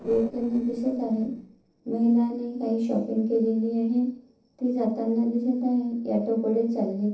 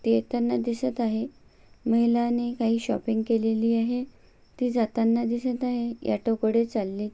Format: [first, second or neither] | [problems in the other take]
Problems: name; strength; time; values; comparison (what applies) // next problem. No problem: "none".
second | noise reduction (neural separator model SepFormer DNS4)